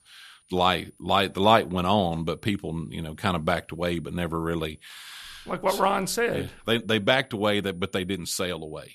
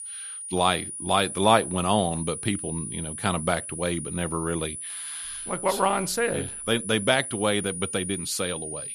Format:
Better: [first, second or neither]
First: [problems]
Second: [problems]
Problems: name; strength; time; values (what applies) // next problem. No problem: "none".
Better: first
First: high-pitched whine; faint; throughout; 10 kHz, 35 dB below the speech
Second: high-pitched whine; loud; throughout; 10 kHz, 7 dB below the speech